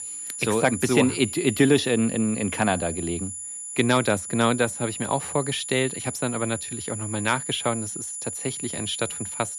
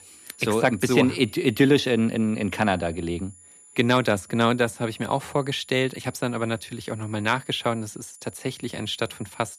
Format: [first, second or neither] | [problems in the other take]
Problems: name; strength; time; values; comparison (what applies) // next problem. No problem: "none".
second | high-pitched whine; loud; throughout; 10 kHz, 7 dB below the speech; faint in the second